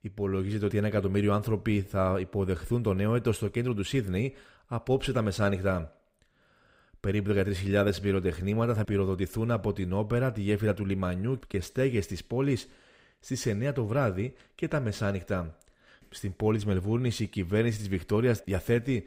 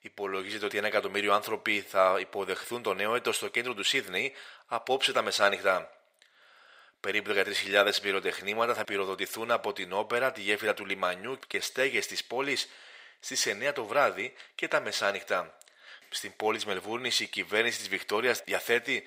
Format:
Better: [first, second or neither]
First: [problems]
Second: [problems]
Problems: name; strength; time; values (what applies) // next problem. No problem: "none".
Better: first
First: none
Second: thin; very; fading below 700 Hz